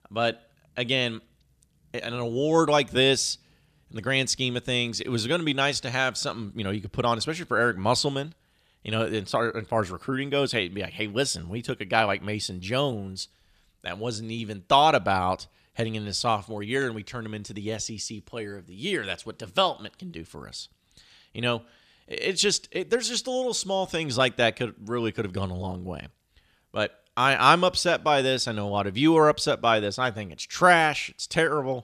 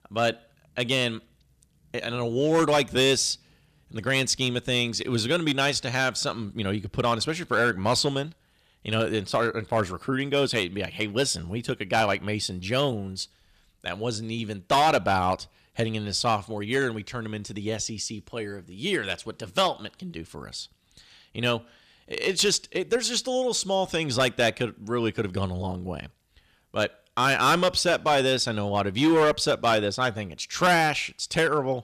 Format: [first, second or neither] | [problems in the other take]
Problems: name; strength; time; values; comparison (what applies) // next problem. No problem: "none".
first | distortion; slight; 3% of the sound clipped